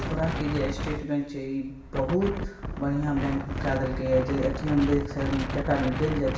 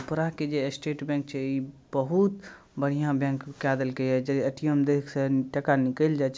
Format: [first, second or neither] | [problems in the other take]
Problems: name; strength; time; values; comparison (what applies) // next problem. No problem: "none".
second | background sound (Wind); 5 dB below the speech // room echo; dies away in 0.8 s